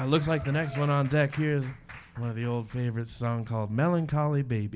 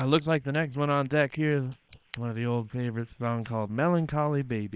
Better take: first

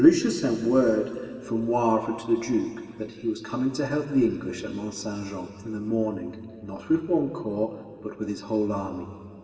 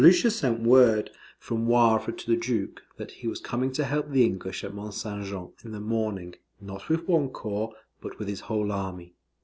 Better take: second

